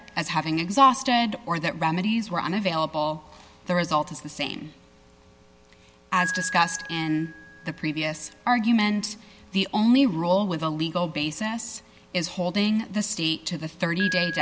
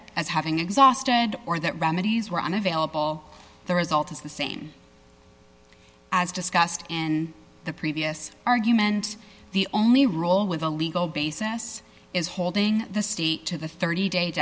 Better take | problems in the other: second | background sound (Piano); 15 dB below the speech

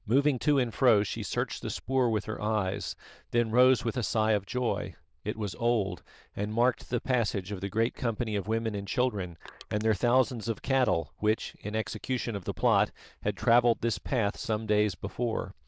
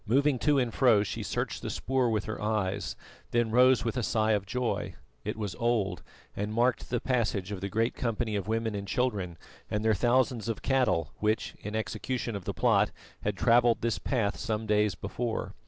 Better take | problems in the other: second | noise reduction (neural diffusion model UNIVERSE++)

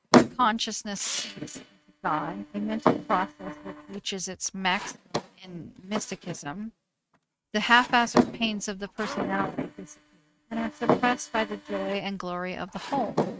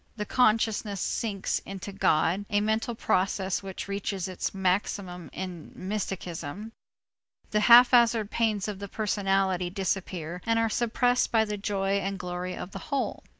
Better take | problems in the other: second | noise reduction (neural mask model RNNoise)

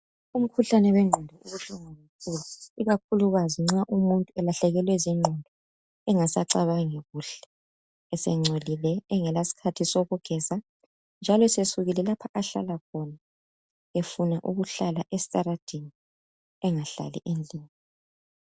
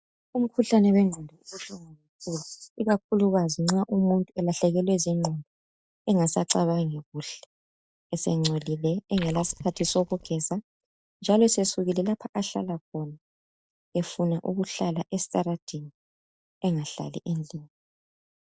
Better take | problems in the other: first | noise reduction (neural mask model DeepFilterNet 3)

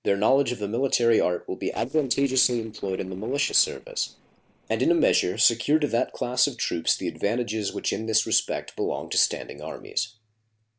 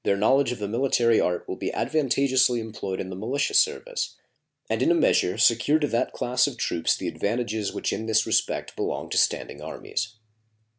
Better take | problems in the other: second | noise reduction (neural separator model SepFormer DNS4)

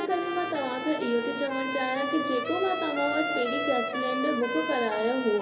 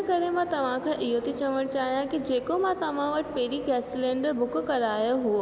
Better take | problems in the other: second | background sound (Trumpet); 4 dB below the speech // room echo; dies away in 0.3 s

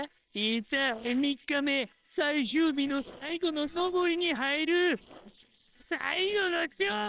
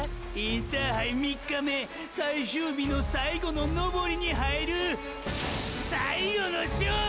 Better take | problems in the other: second | noise reduction (neural separator model SepFormer WHAMR!)

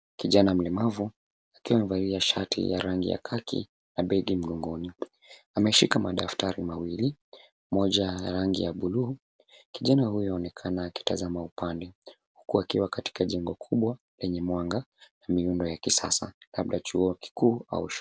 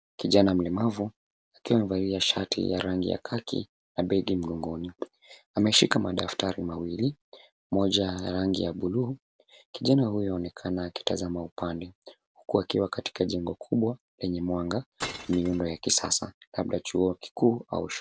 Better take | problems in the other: first | background sound (Glass); 11 dB below the speech

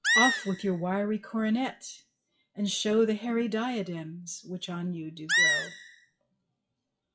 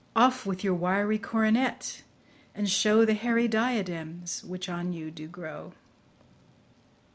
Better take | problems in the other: second | noise reduction (classical method WPE with log-MMSE)

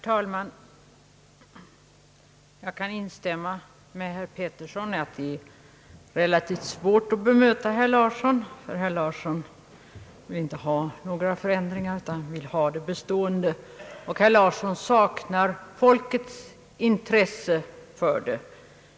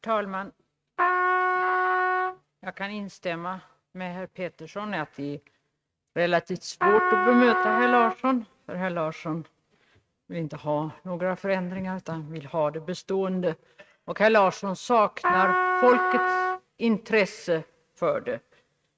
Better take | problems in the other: first | noise reduction (neural mask model RNNoise)

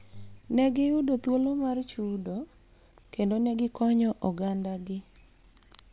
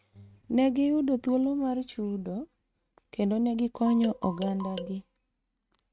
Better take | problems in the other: first | noise reduction (neural mask model RNNoise)

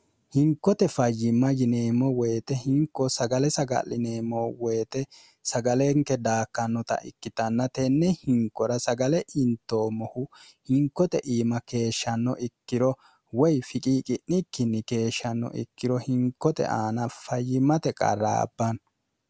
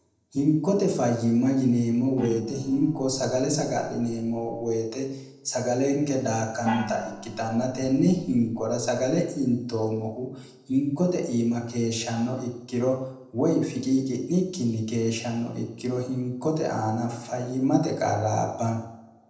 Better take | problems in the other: first | noise reduction (neural separator model SepFormer DNS4)

